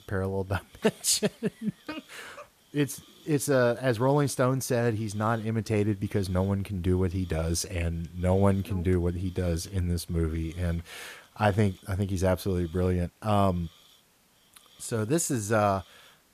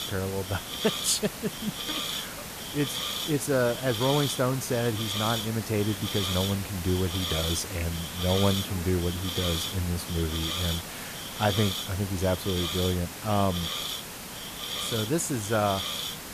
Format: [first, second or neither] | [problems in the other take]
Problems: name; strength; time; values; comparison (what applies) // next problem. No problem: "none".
first | hiss; loud; throughout; 3 dB below the speech; faint in the first